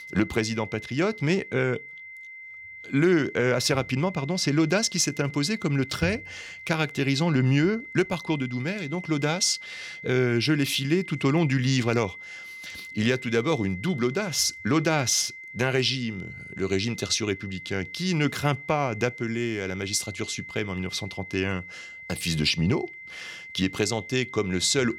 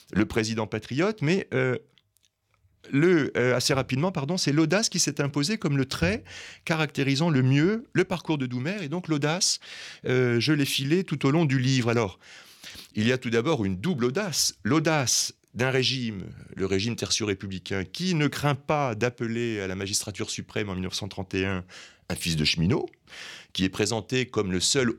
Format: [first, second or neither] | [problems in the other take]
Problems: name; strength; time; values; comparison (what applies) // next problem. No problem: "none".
second | high-pitched whine; noticeable; throughout; 2 kHz, 15 dB below the speech